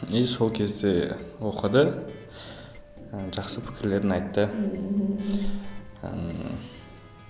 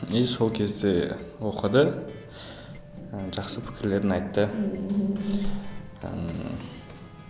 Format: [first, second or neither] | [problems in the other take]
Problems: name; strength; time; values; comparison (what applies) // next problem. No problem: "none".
first | background sound (Run); 18 dB below the speech